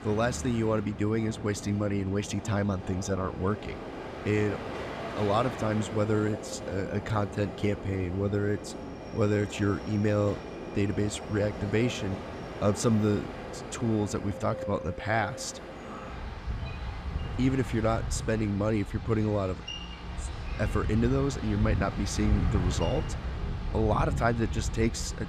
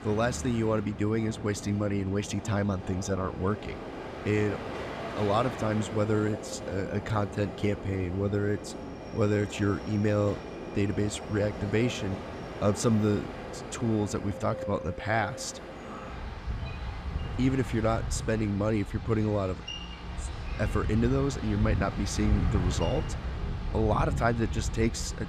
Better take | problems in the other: neither | train or aircraft noise; loud; throughout; 7 dB below the speech; the same in both

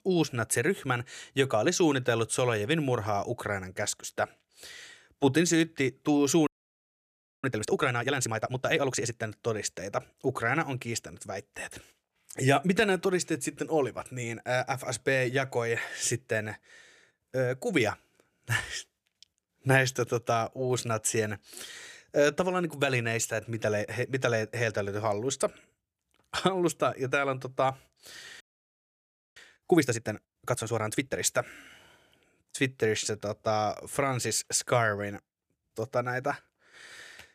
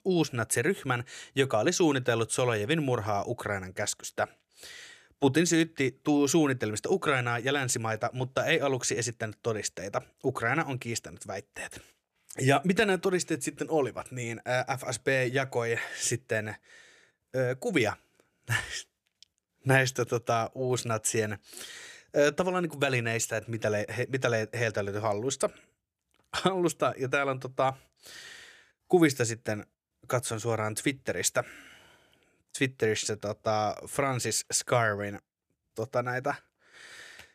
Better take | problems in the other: second | audio freezing; at 6.5 s for 1 s and at 28 s for 1 s

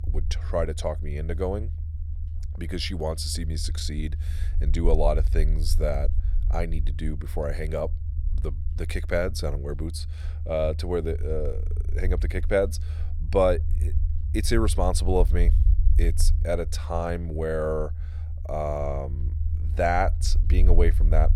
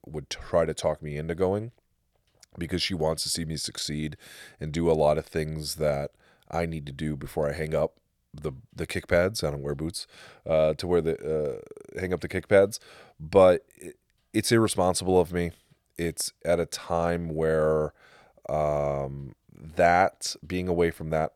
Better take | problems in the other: second | low rumble; noticeable; throughout; 20 dB below the speech

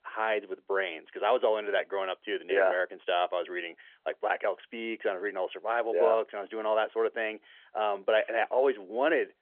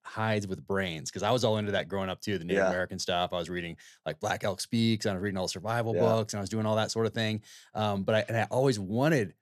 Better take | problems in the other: second | phone-call audio; nothing above 3.5 kHz

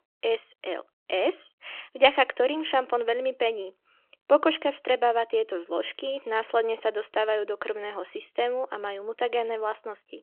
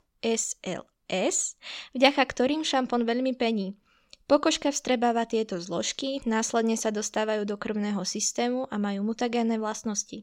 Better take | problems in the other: second | phone-call audio

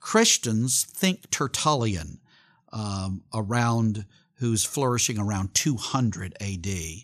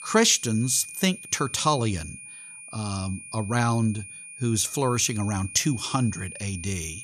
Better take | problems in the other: first | high-pitched whine; noticeable; throughout; 2.5 kHz, 15 dB below the speech

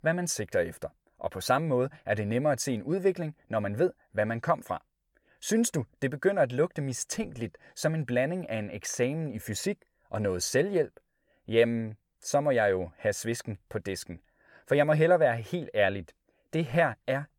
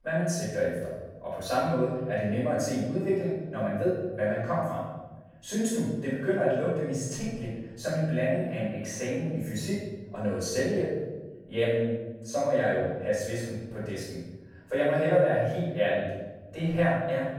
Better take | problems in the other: first | room echo; strong; dies away in 1.2 s // off-mic speech; far

